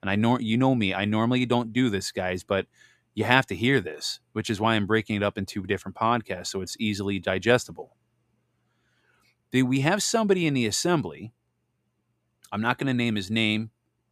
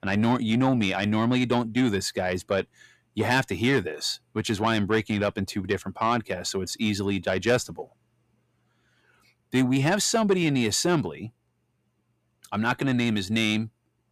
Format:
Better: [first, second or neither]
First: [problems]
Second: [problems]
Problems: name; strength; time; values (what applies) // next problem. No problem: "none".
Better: first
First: none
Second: distortion; slight; 10 dB below the speech